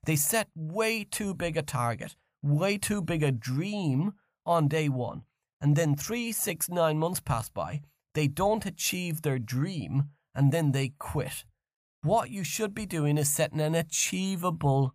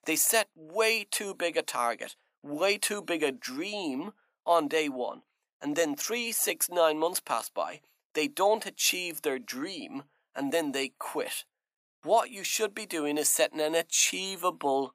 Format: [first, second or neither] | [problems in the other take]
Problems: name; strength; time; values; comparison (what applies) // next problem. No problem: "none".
first | thin; somewhat; fading below 300 Hz